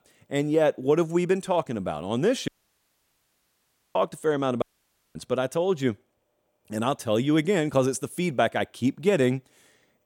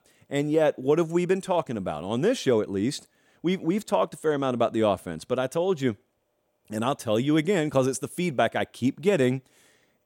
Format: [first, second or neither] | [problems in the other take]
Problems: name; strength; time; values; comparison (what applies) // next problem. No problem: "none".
second | audio cutting out; at 2.5 s for 1.5 s and at 4.5 s for 0.5 s